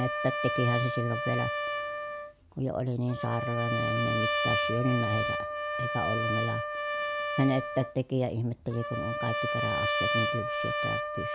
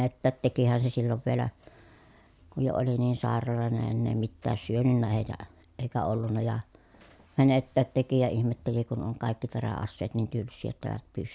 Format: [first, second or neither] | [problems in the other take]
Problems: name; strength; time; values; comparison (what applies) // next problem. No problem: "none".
second | background sound (Trumpet); as loud as the speech